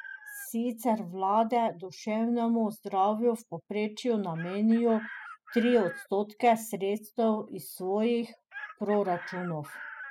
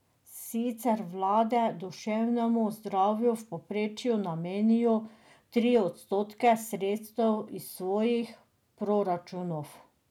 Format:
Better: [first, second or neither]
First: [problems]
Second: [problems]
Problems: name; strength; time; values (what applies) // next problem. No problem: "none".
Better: second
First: noise reduction (classical method spectral subtraction)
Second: none